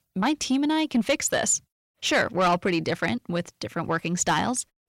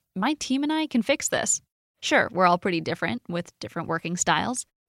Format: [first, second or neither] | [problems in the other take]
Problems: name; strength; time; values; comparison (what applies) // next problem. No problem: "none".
second | distortion; slight; 10 dB below the speech